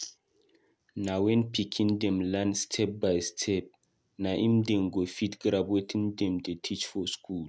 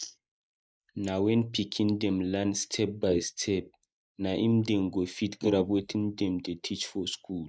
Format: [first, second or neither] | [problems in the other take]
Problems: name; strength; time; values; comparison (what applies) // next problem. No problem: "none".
first | noise reduction (neural mask model Resemble Enhance denoiser)